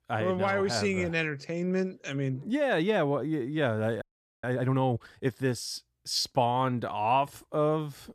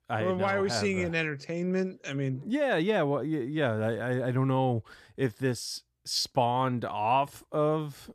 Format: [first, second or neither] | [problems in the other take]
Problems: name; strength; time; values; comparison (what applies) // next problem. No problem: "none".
second | audio freezing; at 4 s